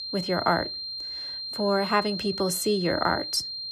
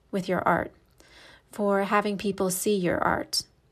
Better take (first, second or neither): second